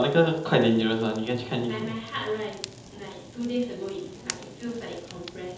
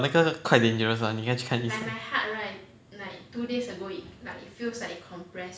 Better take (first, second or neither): second